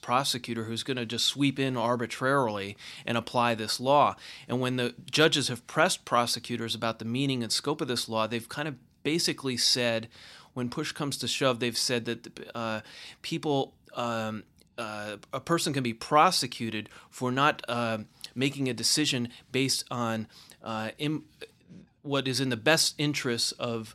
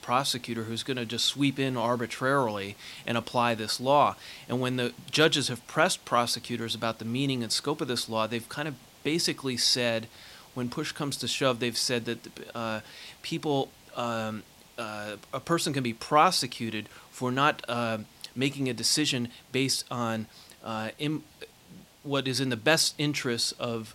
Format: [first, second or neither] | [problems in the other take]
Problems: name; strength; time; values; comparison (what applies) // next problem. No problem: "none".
first | hiss; faint; throughout; 25 dB below the speech